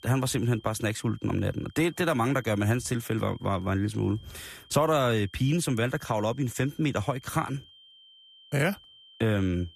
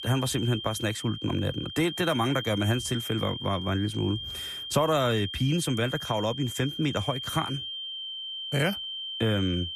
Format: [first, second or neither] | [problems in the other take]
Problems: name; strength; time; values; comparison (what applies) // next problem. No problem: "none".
first | high-pitched whine; loud; throughout; 3 kHz, 6 dB below the speech; faint in the first